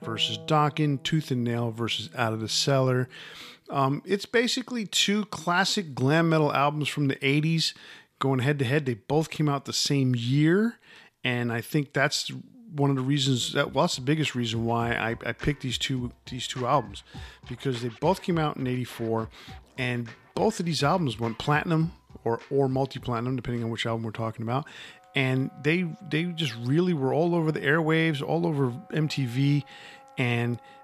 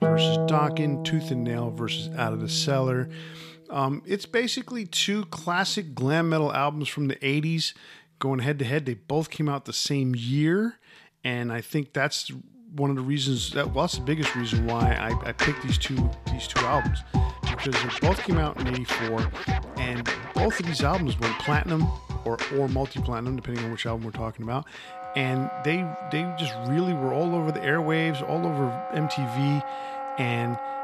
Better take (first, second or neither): first